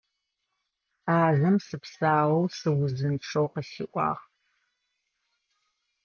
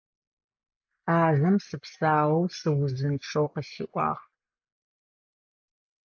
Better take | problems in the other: first | noise reduction (neural mask model Resemble Enhance denoiser)

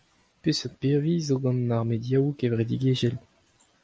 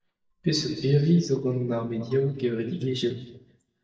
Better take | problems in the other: first | noise reduction (neural mask model DeepFilterNet 3)

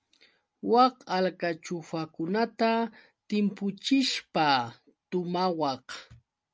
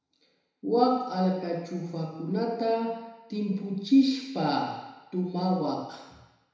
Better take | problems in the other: first | room echo; dies away in 1 s

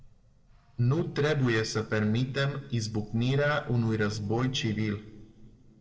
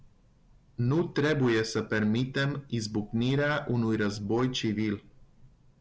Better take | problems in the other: second | noise reduction (neural separator model SepFormer DNS4)

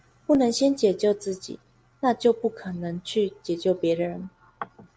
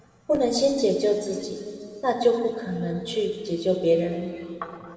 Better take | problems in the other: first | room echo; dies away in 2.4 s

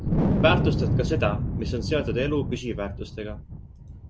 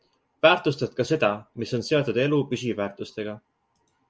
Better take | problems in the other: second | background sound (Wind); 2 dB above the speech

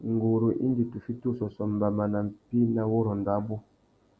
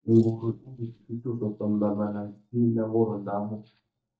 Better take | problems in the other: first | noise reduction (neural mask model DeepFilterNet 3)

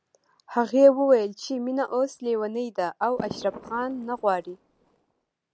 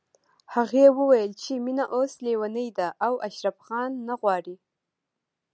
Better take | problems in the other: second | background sound (Fireworks); 16 dB below the speech

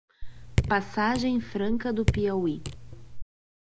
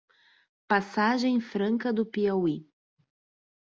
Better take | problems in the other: second | background sound (Raindrop / Drip); 2 dB below the speech

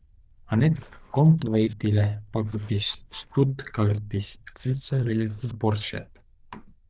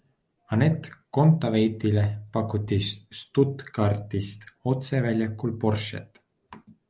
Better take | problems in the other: second | noise reduction (neural diffusion model UNIVERSE++)

